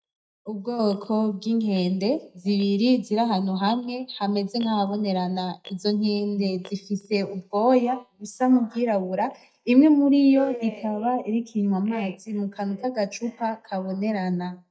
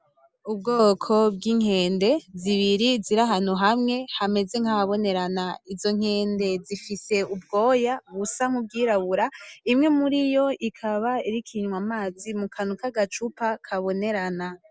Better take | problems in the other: second | noise reduction (neural mask model DeepFilterNet 3)

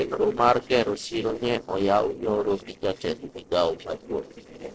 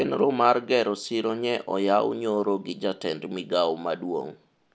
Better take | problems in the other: second | noise reduction (neural separator model SepFormer DNS4)

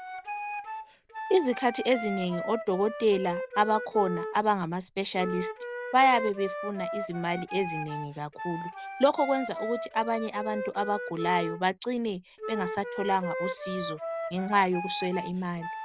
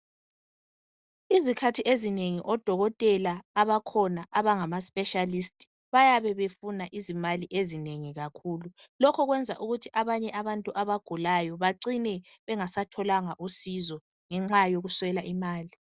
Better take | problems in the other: second | background sound (Wind instrument, woodwind instrument); 7 dB below the speech

